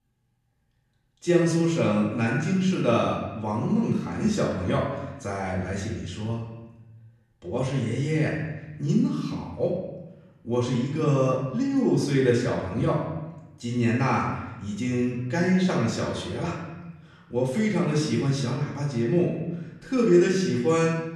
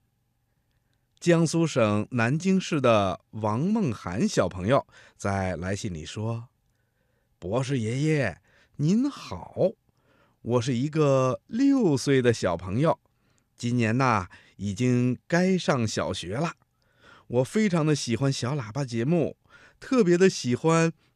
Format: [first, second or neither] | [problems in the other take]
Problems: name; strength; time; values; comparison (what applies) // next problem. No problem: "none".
second | room echo; noticeable; dies away in 1 s // off-mic speech; far